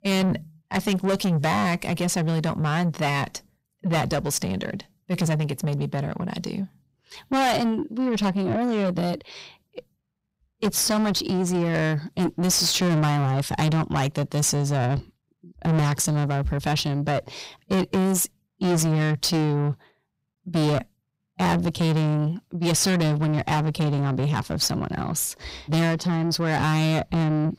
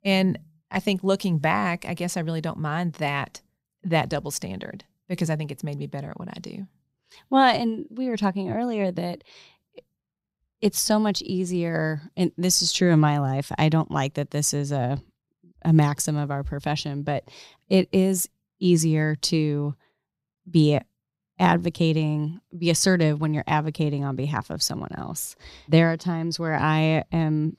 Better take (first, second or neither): second